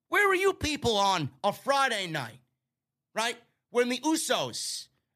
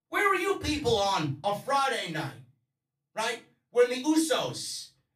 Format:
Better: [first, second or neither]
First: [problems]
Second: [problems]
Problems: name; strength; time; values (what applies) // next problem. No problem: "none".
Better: first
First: none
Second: off-mic speech; far // room echo; slight; dies away in 0.3 s